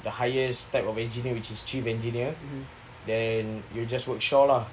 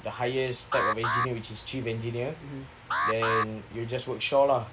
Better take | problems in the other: first | background sound (Alarm); 2 dB below the speech

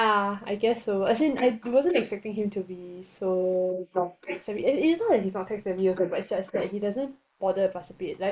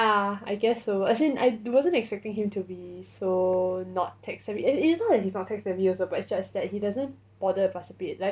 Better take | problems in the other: second | noise reduction (neural mask model Resemble Enhance denoiser)

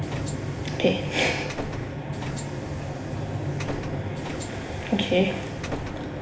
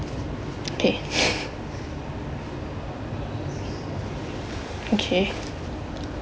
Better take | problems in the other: second | background sound (Bus); 11 dB below the speech // room echo; dies away in 1.1 s

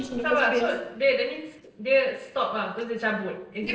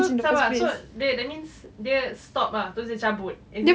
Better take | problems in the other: second | noise reduction (neural separator model SepFormer DNS4)

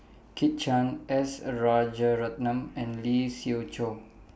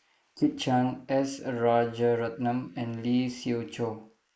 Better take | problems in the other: first | noise reduction (neural mask model Resemble Enhance denoiser)

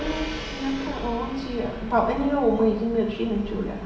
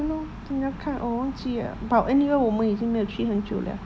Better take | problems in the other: second | background sound (Gong); 14 dB below the speech // room echo; dies away in 0.9 s

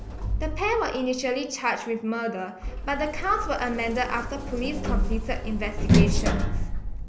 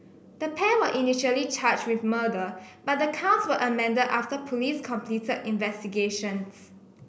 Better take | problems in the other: second | background sound (Sliding door); 2 dB above the speech

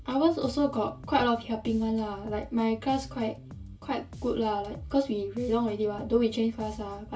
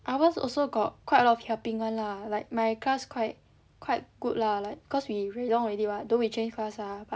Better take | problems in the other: second | background sound (Bass guitar); 16 dB below the speech // room echo; dies away in 0.2 s

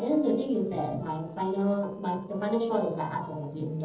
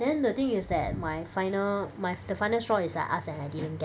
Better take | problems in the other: second | noise reduction (neural separator model SepFormer DNS4)

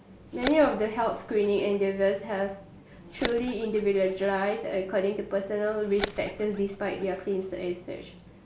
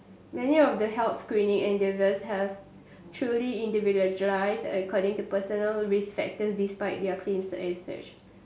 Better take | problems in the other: second | background sound (Bird); 15 dB below the speech

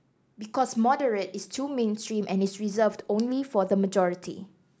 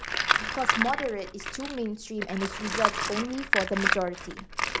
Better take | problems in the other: first | background sound (Tools); 2 dB above the speech

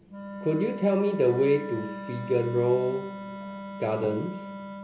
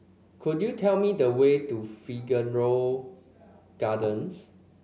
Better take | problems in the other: second | background sound (Wind instrument, woodwind instrument); 11 dB below the speech // room echo; dies away in 1.9 s

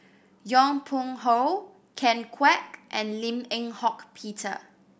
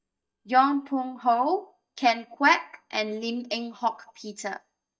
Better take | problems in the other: first | noise reduction (neural mask model DeepFilterNet 3)

